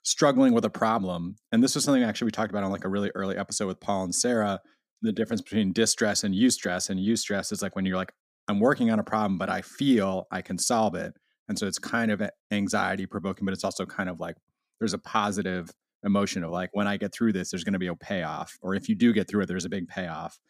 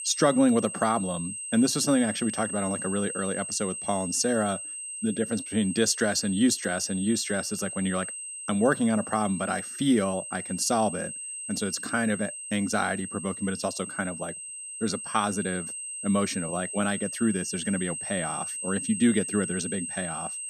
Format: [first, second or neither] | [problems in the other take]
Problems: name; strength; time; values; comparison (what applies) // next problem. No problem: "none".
first | high-pitched whine; loud; throughout; 8.5 kHz, 6 dB below the speech